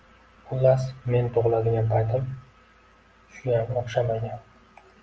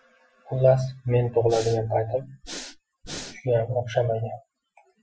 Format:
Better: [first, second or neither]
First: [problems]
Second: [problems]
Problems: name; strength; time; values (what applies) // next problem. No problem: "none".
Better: first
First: none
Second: noise reduction (classical method Wiener filter)